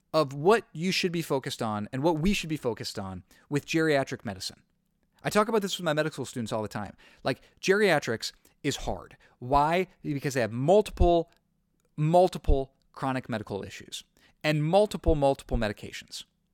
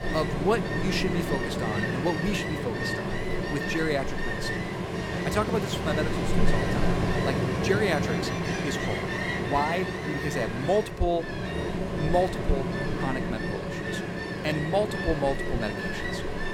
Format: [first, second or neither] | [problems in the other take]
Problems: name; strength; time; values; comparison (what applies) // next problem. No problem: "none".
first | rain or running water; very loud; throughout; 1 dB above the speech